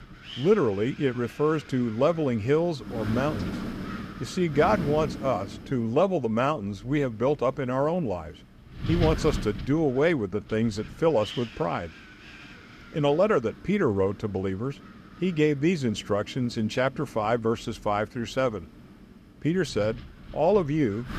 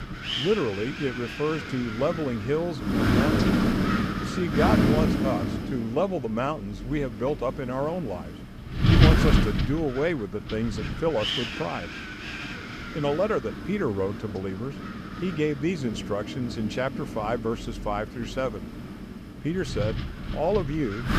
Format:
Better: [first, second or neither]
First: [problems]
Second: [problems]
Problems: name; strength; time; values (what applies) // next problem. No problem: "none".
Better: first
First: wind noise on the microphone; occasional gusts; 15 dB below the speech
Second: wind noise on the microphone; heavy; 2 dB below the speech